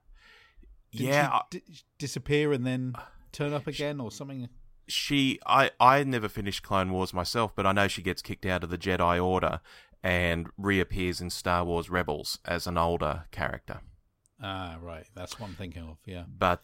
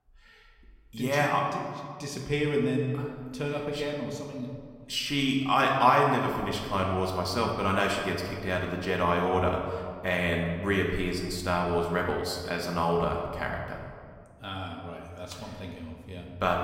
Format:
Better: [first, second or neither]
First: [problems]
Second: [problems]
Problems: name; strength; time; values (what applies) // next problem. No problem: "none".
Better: first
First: none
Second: room echo; noticeable; dies away in 1.6 s // off-mic speech; somewhat distant